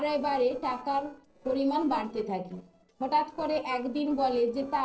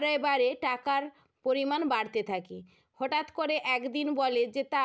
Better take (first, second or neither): second